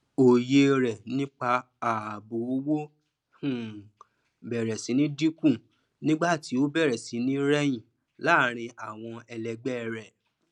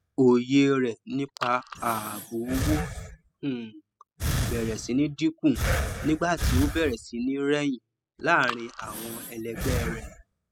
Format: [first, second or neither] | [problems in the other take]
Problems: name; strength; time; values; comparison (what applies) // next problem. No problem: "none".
first | noise reduction (classical method spectral subtraction)